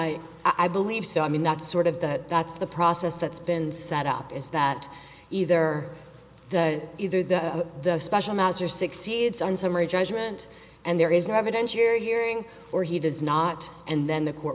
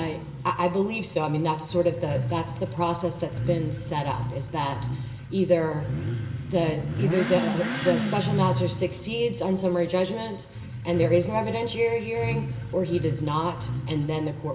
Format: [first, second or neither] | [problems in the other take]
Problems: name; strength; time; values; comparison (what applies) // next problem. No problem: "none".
first | background sound (Motorcycle / Accelerating, revving, vroom); 5 dB below the speech // room echo; dies away in 0.6 s